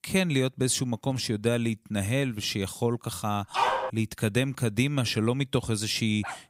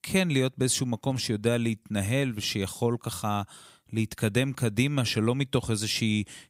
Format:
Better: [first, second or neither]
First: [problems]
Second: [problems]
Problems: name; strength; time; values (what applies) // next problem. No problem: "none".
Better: second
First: dog barking; loud; at 3.5 s; peak 2 dB above the speech // dog barking; very faint; at 6 s; peak 15 dB below the speech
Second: none